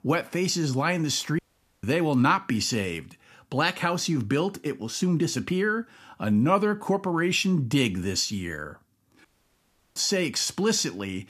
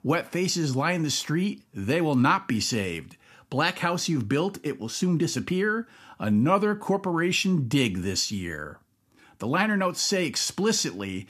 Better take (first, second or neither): second